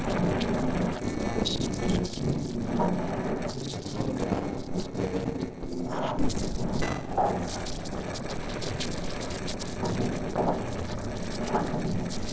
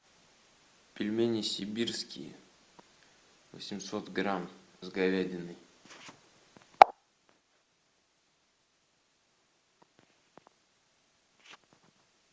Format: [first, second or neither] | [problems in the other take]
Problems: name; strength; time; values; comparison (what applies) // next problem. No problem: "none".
second | noise reduction (neural separator model SepFormer DNS4)